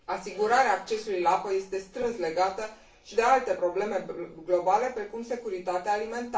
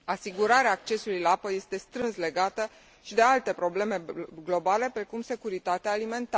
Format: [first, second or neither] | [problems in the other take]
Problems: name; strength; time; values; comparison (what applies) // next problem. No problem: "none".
second | room echo; dies away in 0.3 s